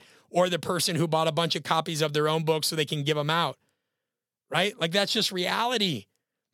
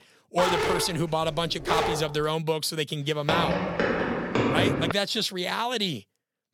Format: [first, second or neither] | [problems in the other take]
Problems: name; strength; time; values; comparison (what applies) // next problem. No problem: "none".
first | dog barking; loud; until 2 s; peak 2 dB above the speech // footsteps; loud; from 3.5 to 5 s; peak 3 dB above the speech